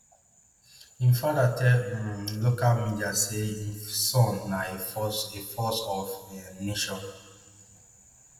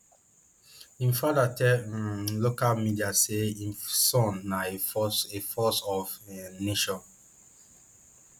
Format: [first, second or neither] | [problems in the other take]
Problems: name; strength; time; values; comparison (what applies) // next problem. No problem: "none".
second | room echo; dies away in 1.4 s